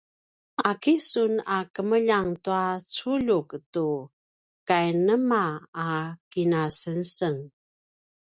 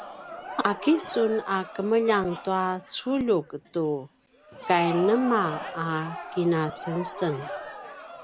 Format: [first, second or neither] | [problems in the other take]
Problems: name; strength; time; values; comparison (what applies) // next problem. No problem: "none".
first | background sound (Crowd); 11 dB below the speech